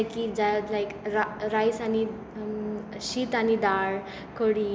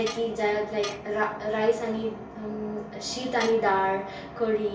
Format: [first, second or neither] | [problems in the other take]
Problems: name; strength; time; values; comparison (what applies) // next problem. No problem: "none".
first | background sound (Tools); 15 dB below the speech // room echo; dies away in 0.4 s